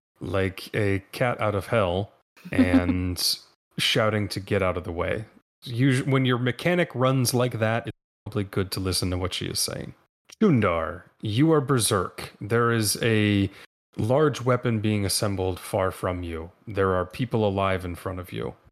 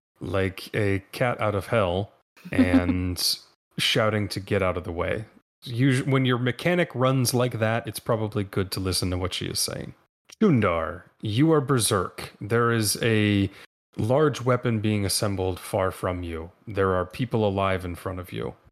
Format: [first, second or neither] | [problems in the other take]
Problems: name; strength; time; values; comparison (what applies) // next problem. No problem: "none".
second | audio cutting out; at 8 s